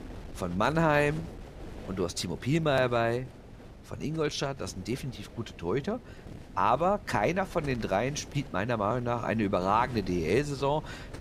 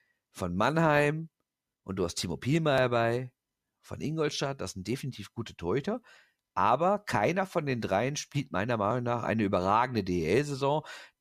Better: second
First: wind noise on the microphone; occasional gusts; 20 dB below the speech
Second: none

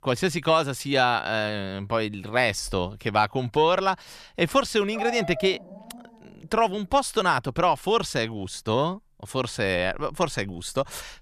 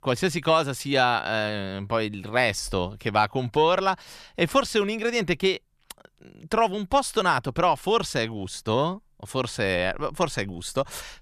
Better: second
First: dog barking; noticeable; from 5 to 6 s; peak 7 dB below the speech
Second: none

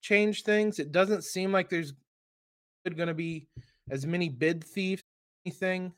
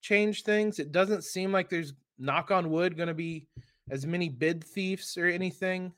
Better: second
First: audio cutting out; at 2 s for 1 s and at 5 s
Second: none

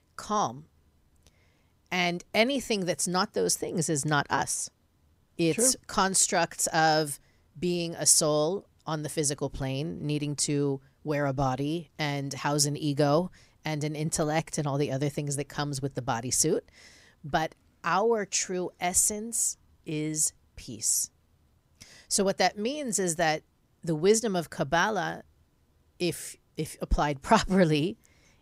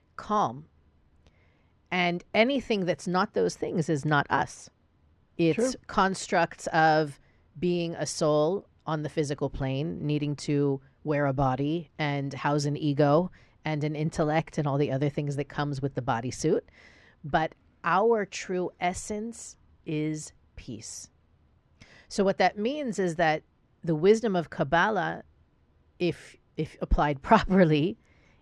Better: first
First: none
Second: muffled; slightly; fading above 3 kHz

